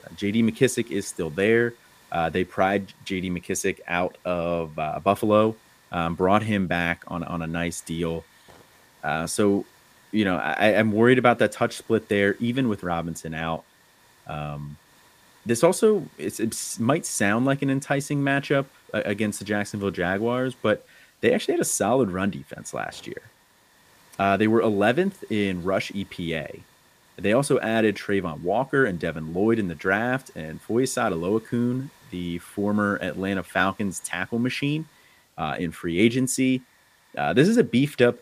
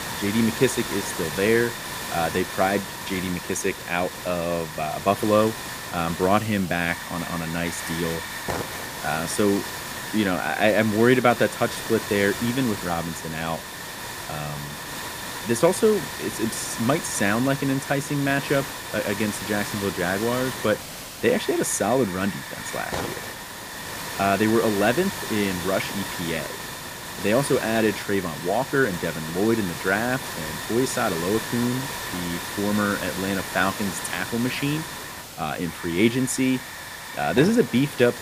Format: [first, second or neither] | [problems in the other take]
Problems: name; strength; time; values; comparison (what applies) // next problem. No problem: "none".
first | hiss; loud; throughout; 7 dB below the speech; faint in the first